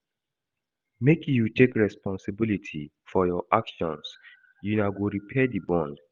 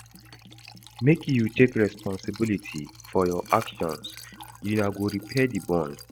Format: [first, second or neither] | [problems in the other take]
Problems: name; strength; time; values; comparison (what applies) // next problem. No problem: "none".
first | background sound (Liquid); 18 dB below the speech